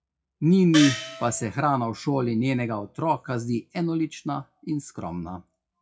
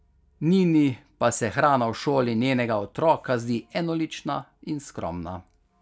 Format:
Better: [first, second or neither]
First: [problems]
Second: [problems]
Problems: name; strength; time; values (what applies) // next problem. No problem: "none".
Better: second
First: noise reduction (classical method WPE with log-MMSE)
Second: none